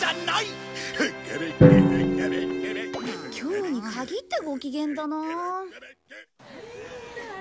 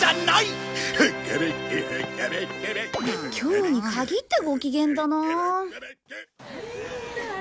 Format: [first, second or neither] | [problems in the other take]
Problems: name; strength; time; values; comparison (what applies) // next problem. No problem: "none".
second | background sound (Drum); 5 dB above the speech